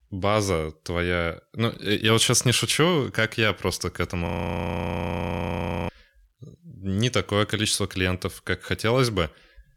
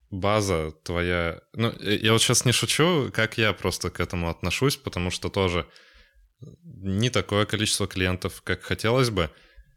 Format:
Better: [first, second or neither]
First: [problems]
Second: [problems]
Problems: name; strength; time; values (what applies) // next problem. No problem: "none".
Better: second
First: audio freezing; at 4.5 s for 1.5 s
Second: none